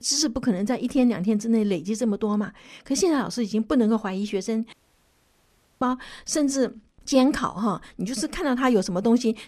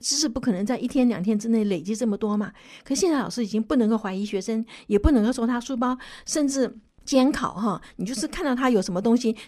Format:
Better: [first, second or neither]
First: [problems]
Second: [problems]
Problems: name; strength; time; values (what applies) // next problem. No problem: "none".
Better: second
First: audio cutting out; at 4.5 s for 1 s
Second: none